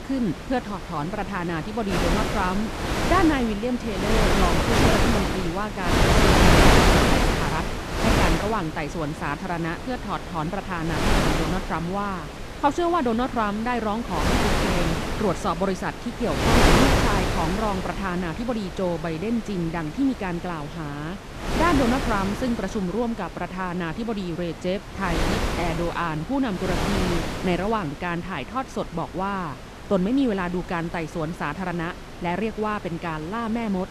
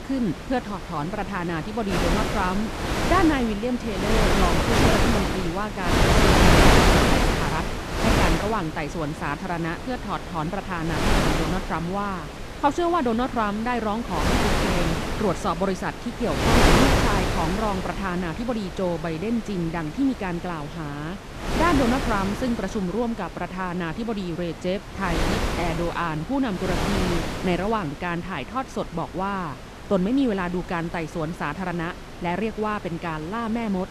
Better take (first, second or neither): neither